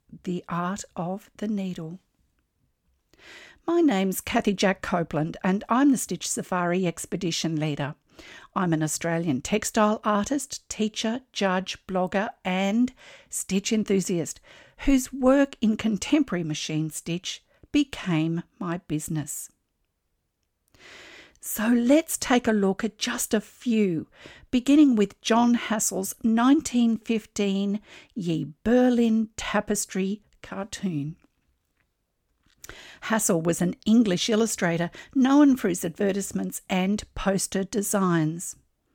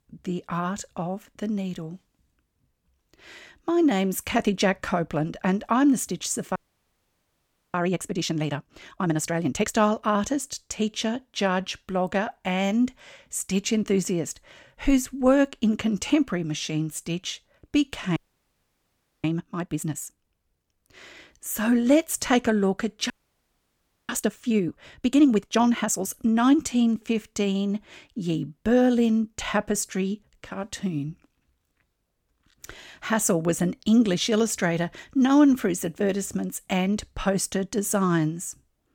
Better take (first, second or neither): first